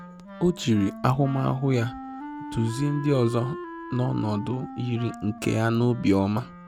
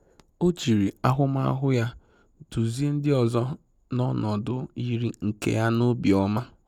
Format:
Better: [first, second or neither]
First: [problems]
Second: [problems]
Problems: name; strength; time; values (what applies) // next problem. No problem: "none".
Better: second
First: background sound (Wind instrument, woodwind instrument); 13 dB below the speech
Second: none